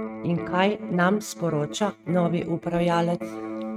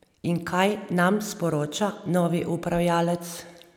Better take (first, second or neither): second